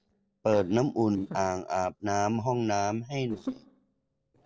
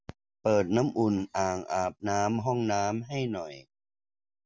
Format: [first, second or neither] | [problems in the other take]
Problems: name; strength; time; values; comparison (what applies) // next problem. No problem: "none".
second | noise reduction (neural separator model SepFormer DNS4)